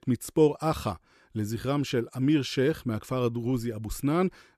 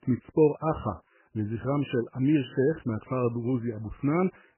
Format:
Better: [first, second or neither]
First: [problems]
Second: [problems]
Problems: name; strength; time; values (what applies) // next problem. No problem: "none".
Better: first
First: none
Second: garbled, watery; badly; nothing above 3 kHz